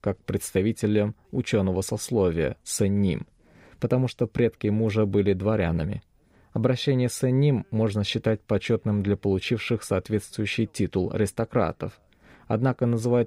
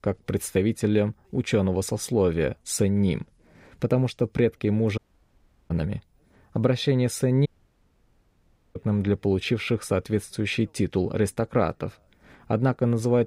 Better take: first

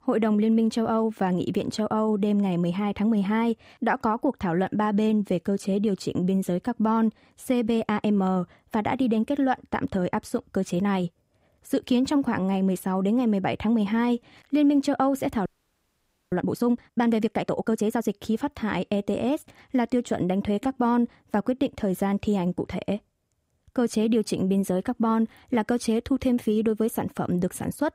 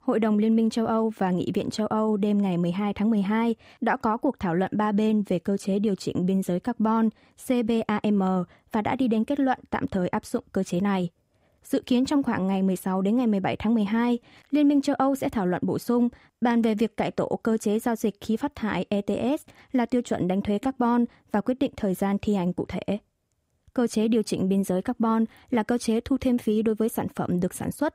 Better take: second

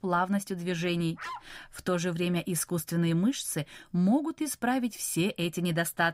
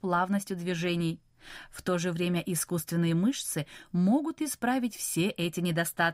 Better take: second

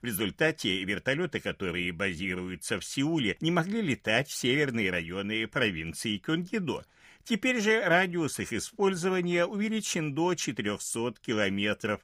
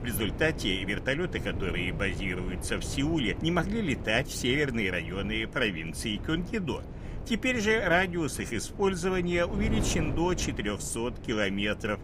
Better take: first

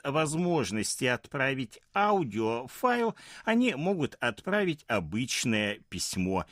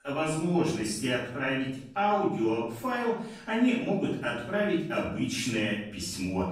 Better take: first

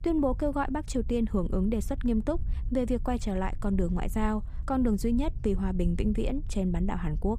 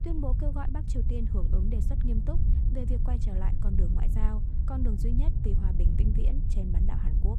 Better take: first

